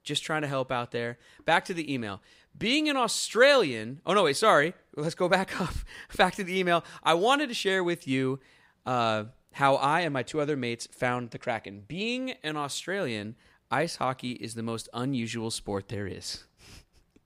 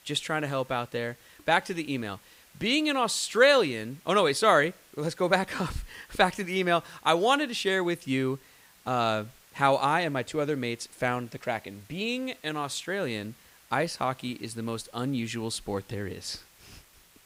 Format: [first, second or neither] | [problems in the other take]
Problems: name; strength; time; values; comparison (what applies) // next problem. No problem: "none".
first | hiss; faint; throughout; 25 dB below the speech